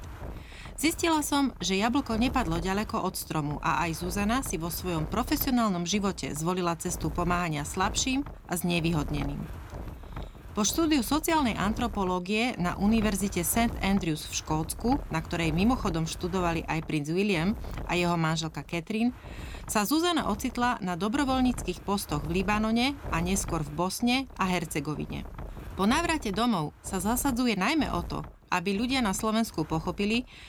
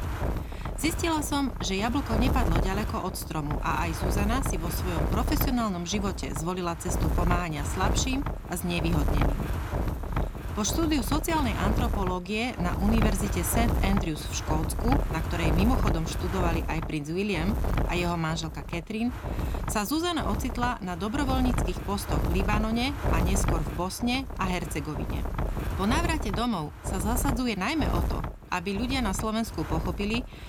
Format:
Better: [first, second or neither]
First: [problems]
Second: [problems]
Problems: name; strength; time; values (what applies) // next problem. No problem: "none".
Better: first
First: wind noise on the microphone; occasional gusts; 15 dB below the speech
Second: wind noise on the microphone; heavy; 5 dB below the speech